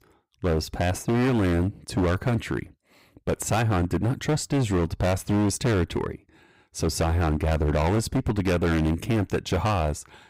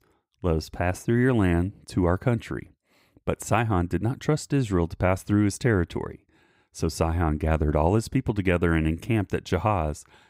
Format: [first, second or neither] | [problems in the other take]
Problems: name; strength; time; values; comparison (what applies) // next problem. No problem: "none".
second | distortion; heavy; 18% of the sound clipped